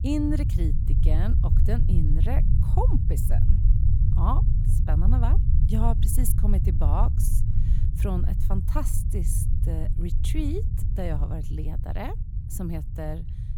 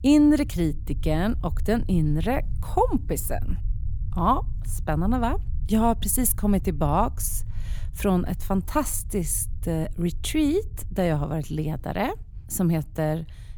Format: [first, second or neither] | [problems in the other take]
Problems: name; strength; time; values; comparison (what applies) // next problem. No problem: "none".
second | low rumble; loud; throughout; 5 dB below the speech; faint in the second